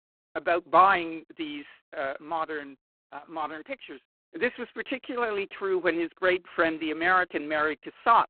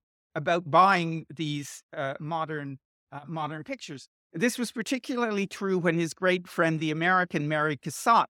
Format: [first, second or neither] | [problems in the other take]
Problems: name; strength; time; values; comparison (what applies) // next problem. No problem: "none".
second | phone-call audio; poor line; nothing above 4 kHz